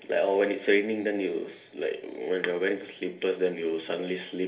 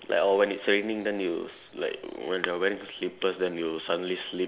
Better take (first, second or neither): second